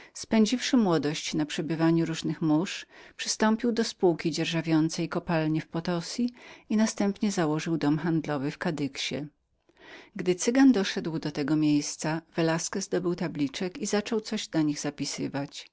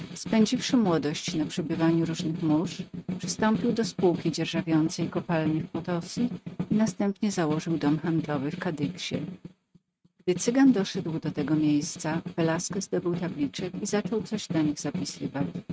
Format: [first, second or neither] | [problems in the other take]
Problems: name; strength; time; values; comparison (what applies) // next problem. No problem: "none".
first | noise reduction (neural mask model RNNoise)